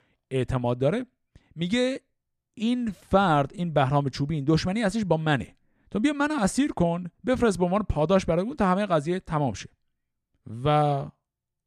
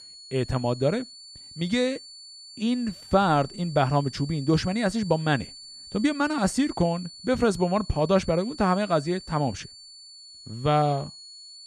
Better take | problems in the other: first | high-pitched whine; noticeable; throughout; 4.5 kHz, 15 dB below the speech

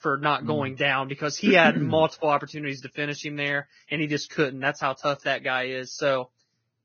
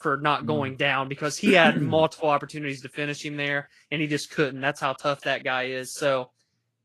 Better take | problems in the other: second | garbled, watery; badly; nothing above 6.5 kHz; slightly in the second

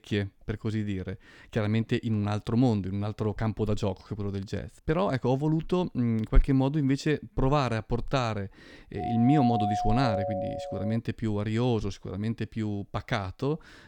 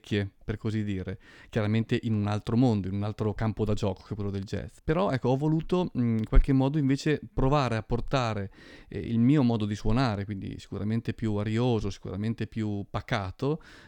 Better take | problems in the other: second | doorbell; noticeable; from 9 to 11 s; peak level with the speech

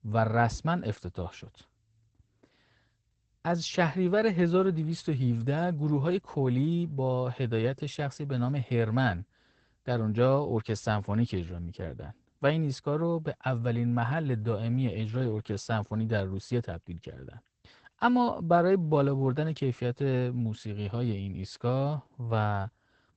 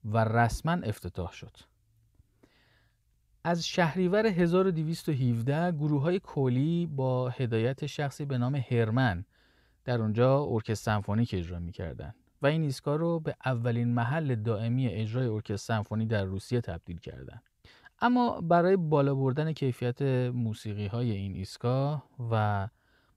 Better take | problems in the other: second | garbled, watery; badly; nothing above 8 kHz

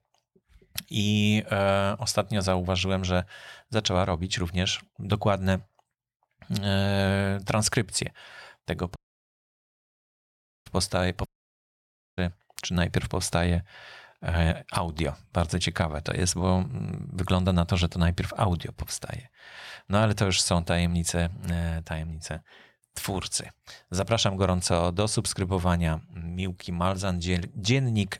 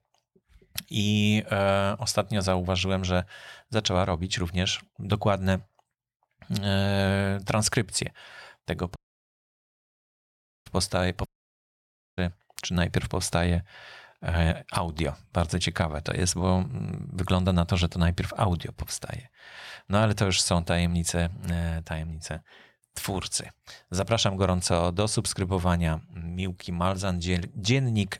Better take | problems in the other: neither | audio cutting out; at 9 s for 1.5 s and at 11 s for 1 s; the same in both

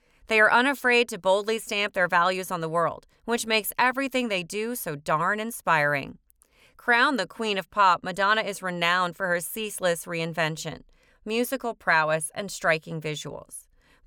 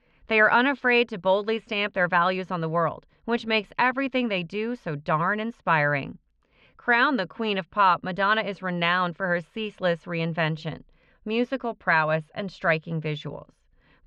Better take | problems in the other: first | muffled; slightly; fading above 3.5 kHz

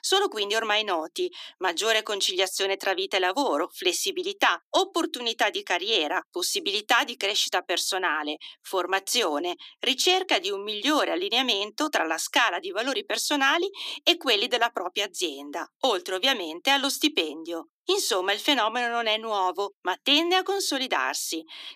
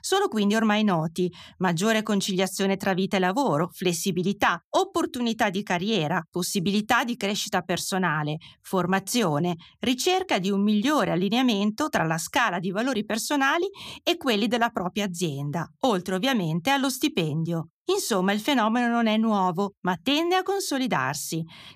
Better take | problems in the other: second | thin; somewhat; fading below 300 Hz

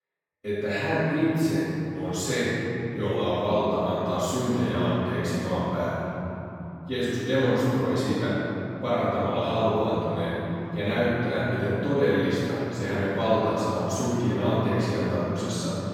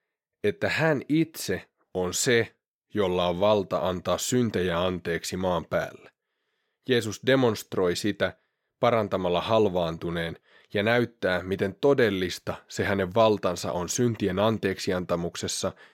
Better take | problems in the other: second | off-mic speech; far // room echo; strong; dies away in 3 s

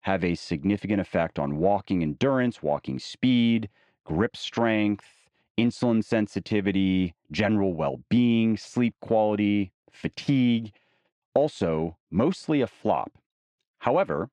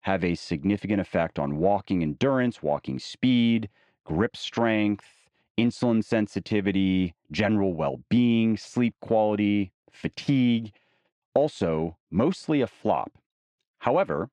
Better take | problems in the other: neither | muffled; slightly; fading above 3 kHz; the same in both

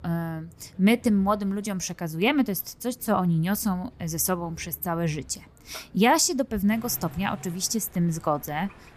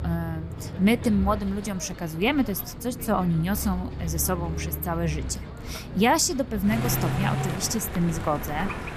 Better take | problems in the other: first | traffic noise; loud; throughout; 7 dB below the speech; faint in the first

